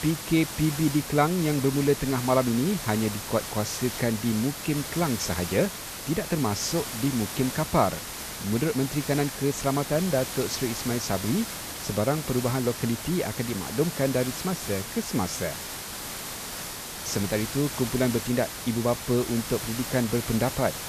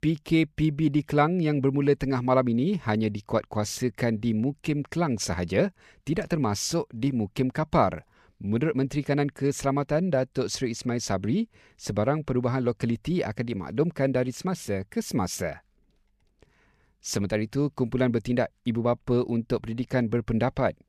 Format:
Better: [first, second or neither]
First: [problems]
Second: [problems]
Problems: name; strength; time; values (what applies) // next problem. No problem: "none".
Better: second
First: hiss; loud; throughout; 6 dB below the speech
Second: none